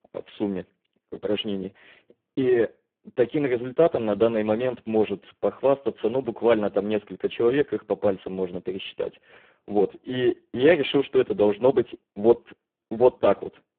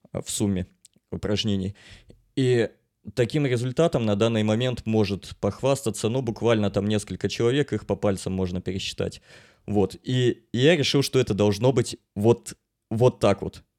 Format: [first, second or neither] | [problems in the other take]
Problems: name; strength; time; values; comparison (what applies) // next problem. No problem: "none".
second | phone-call audio; poor line